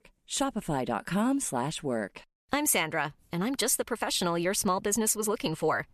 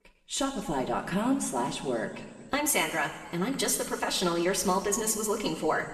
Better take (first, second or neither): first